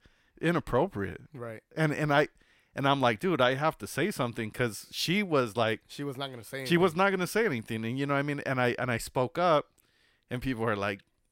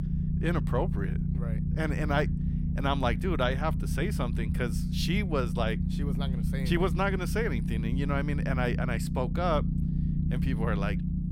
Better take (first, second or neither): first